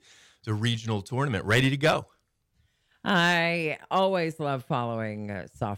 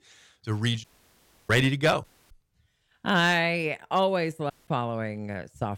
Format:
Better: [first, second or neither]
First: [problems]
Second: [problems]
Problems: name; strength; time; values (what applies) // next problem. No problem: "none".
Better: first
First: none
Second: audio cutting out; at 1 s for 0.5 s, at 2 s and at 4.5 s